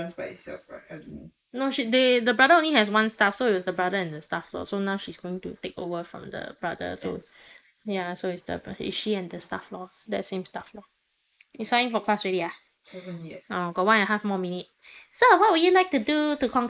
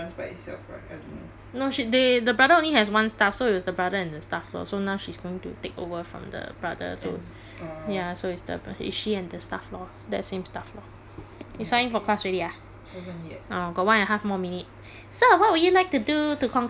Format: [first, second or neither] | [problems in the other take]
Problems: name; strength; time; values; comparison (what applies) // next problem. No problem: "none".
second | noise reduction (neural mask model Resemble Enhance denoiser)